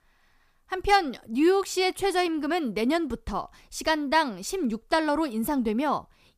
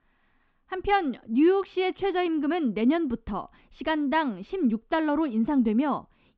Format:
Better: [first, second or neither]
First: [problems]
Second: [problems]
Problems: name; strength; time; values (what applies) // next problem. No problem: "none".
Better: first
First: none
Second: muffled; very; fading above 3.5 kHz